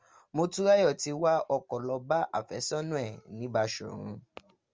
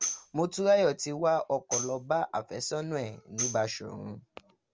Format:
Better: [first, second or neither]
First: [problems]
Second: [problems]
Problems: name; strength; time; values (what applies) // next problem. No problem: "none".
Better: first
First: none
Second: background sound (Tambourine); 9 dB below the speech